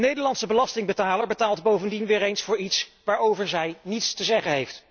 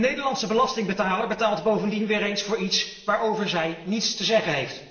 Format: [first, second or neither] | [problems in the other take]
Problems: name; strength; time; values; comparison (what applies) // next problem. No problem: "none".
first | room echo; dies away in 1.1 s